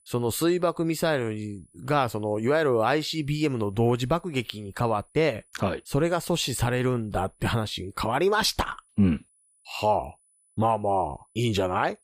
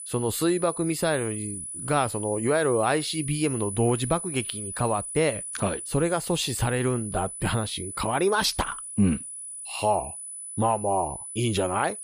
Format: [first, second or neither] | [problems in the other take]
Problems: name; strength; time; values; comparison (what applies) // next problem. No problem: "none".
first | high-pitched whine; loud; throughout; 10 kHz, 7 dB below the speech; faint in the first